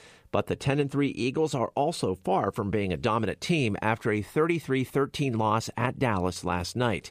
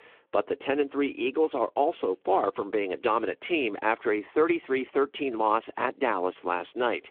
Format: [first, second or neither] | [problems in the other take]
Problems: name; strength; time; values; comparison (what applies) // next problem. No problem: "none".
first | phone-call audio